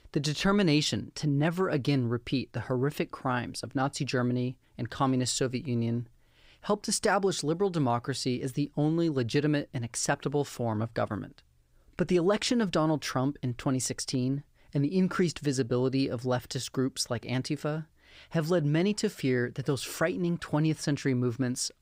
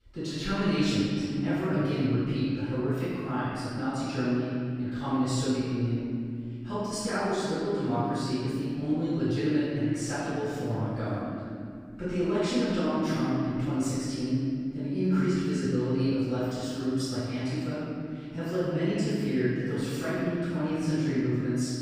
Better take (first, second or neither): first